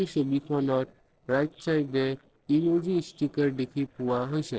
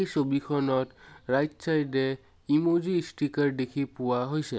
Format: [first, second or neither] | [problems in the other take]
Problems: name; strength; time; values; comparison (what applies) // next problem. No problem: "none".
second | noise reduction (neural separator model SepFormer DNS4)